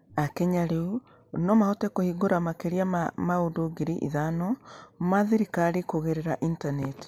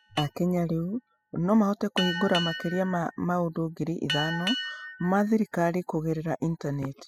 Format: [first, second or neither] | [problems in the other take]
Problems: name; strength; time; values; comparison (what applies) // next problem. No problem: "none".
first | noise reduction (classical method spectral subtraction)